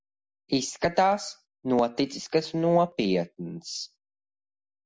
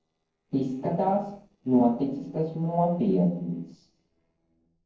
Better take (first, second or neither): first